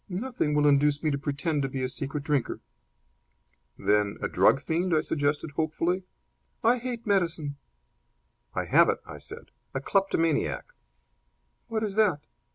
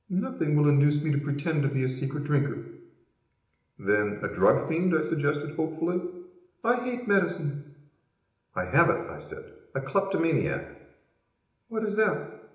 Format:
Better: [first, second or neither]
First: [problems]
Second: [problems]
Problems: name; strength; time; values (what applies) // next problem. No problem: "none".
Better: first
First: none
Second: room echo; dies away in 0.8 s